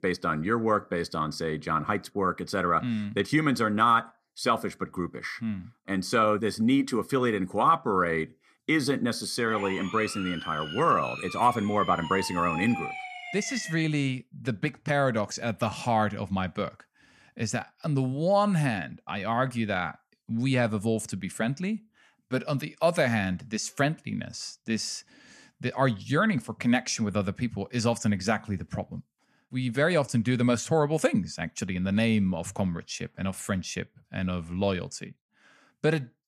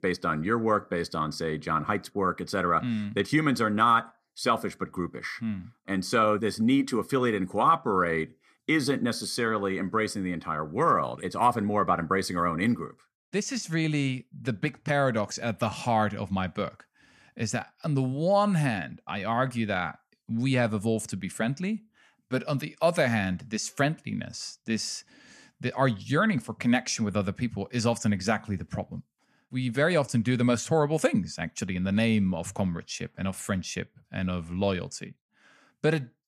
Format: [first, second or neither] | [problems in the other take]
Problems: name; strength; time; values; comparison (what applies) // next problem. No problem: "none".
second | siren; noticeable; from 9.5 to 14 s; peak 6 dB below the speech